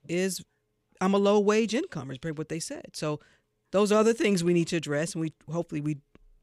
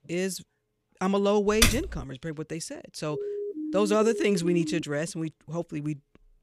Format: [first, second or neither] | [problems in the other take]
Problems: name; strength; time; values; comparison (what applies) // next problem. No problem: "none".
first | keyboard typing; loud; at 1.5 s; peak 5 dB above the speech // siren; noticeable; from 3 to 5 s; peak 4 dB below the speech